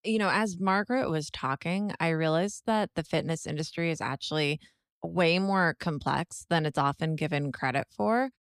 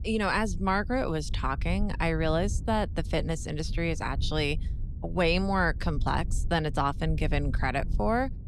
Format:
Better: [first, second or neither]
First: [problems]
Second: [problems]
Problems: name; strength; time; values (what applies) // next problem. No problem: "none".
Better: first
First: none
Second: wind noise on the microphone; occasional gusts; 20 dB below the speech